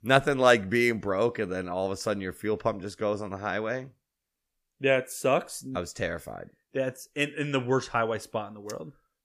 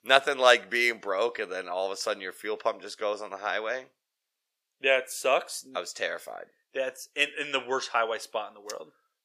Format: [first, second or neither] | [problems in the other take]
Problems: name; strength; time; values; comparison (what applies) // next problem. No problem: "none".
first | thin; very; fading below 600 Hz